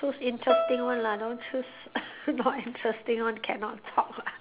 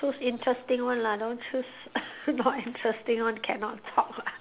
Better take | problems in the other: second | background sound (Bowed string instrument); 4 dB below the speech

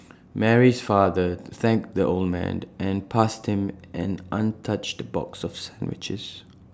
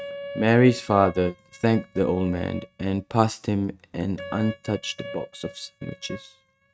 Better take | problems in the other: first | noise reduction (neural mask model RNNoise)

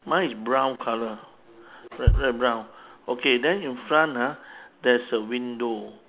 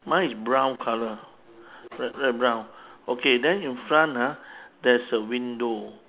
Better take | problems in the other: second | background sound (Bass drum); 2 dB below the speech

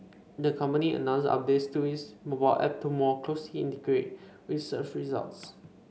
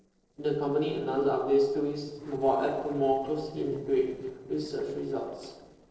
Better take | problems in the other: first | noise reduction (neural separator model SepFormer DNS4)

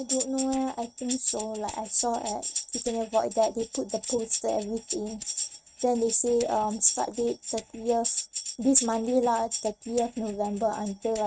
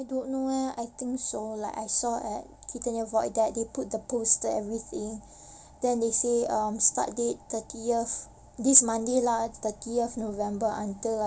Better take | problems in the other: second | noise reduction (neural mask model RNNoise)

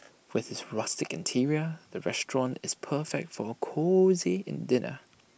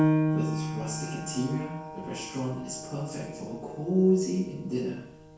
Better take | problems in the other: first | background sound (Piano); 2 dB below the speech // room echo; dies away in 0.6 s

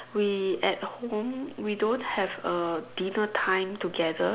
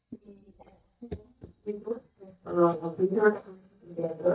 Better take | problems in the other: first | noise reduction (neural mask model DeepFilterNet 3)

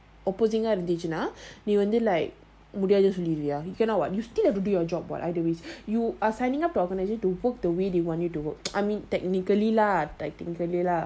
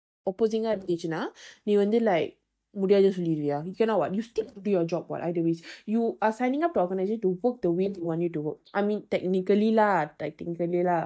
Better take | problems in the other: first | noise reduction (neural mask model DeepFilterNet 3)

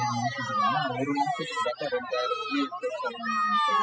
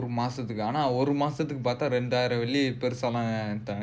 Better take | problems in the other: second | noise reduction (classical method spectral subtraction)

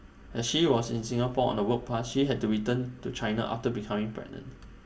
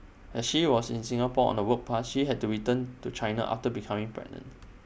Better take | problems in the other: second | room echo; dies away in 0.7 s

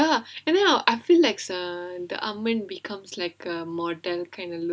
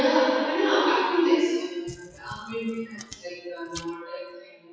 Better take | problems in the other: first | noise reduction (classical method WPE with log-MMSE)

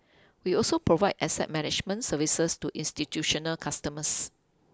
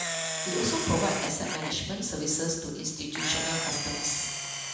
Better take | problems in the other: first | background sound (Camera); 3 dB below the speech // room echo; dies away in 1.1 s

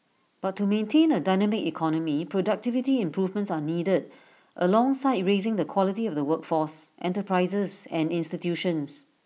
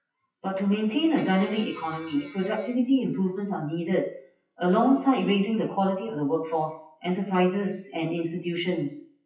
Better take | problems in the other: first | noise reduction (classical method WPE with log-MMSE)

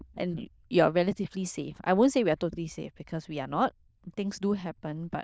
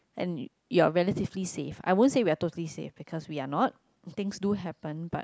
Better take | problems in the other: second | noise reduction (neural diffusion model UNIVERSE++)

